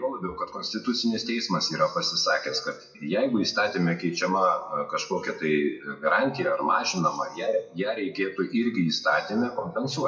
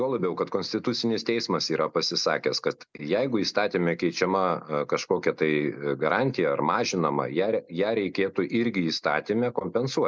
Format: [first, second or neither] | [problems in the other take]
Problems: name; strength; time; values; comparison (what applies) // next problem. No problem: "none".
second | noise reduction (classical method WPE with log-MMSE)